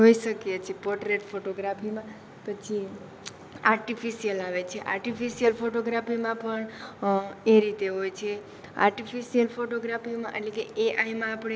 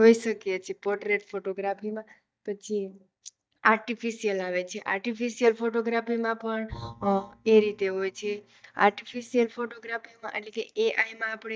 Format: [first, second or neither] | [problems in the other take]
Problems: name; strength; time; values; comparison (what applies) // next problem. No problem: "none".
first | noise reduction (neural mask model DeepFilterNet 3)